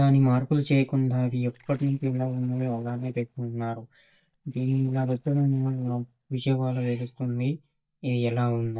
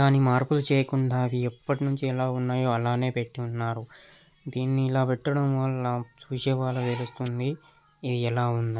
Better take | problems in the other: second | noise reduction (neural mask model DeepFilterNet 3)

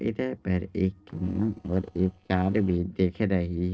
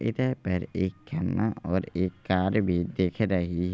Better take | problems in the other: second | noise reduction (neural separator model SepFormer DNS4)

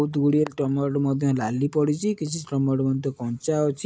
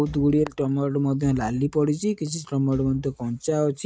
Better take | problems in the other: first | noise reduction (neural mask model RNNoise)

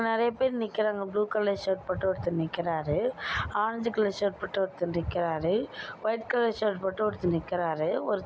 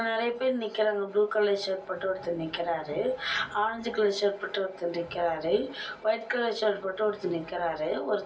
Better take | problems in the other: first | room echo; dies away in 0.3 s

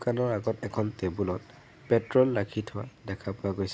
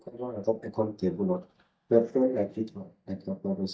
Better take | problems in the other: first | noise reduction (neural mask model DeepFilterNet 3)

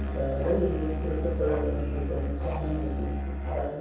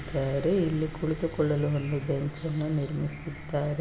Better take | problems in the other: second | background sound (Musical instrument); as loud as the speech // room echo; dies away in 0.7 s

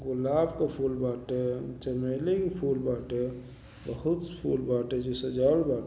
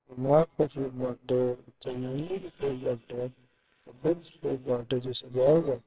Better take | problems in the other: first | noise reduction (neural separator model SepFormer WHAMR!)

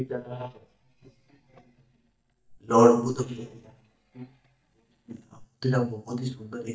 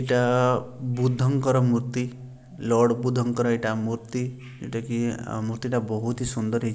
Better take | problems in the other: second | noise reduction (neural mask model DeepFilterNet 3)

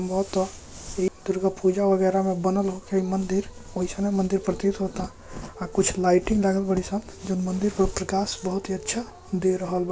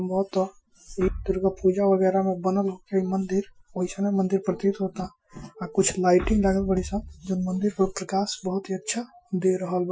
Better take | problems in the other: first | noise reduction (classical method Wiener filter)

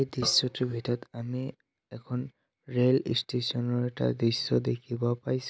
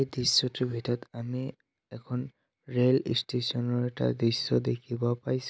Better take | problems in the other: second | background sound (Drum); 18 dB below the speech

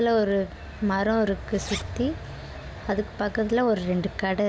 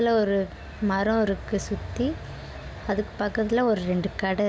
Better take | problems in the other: second | background sound (Zipper (clothing)); 19 dB below the speech

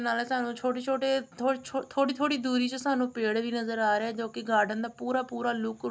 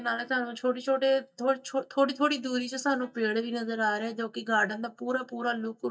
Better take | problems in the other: first | noise reduction (neural mask model DeepFilterNet 3)

